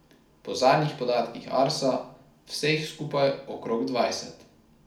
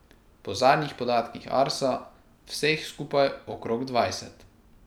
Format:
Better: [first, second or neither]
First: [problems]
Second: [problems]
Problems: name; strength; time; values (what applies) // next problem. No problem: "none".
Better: second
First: room echo; dies away in 0.4 s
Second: none